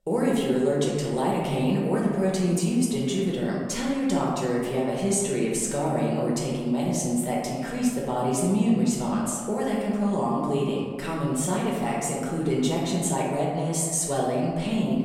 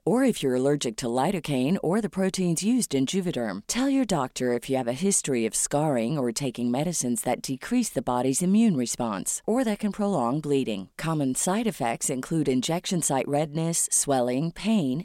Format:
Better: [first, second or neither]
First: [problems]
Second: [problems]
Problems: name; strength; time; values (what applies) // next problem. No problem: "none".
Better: second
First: room echo; noticeable; dies away in 1.7 s // off-mic speech; far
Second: none